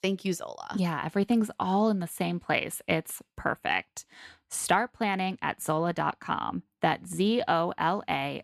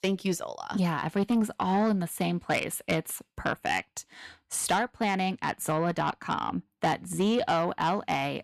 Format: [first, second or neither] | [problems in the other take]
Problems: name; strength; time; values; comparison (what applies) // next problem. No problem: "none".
first | distortion; slight; 10 dB below the speech